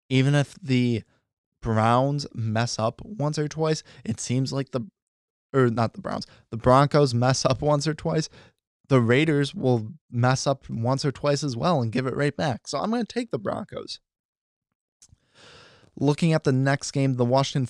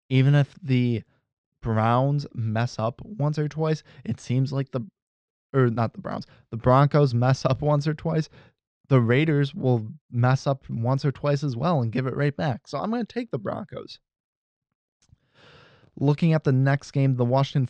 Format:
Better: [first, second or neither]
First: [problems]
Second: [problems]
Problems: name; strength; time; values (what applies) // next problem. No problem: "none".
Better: first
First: none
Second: muffled; very slightly; fading above 3.5 kHz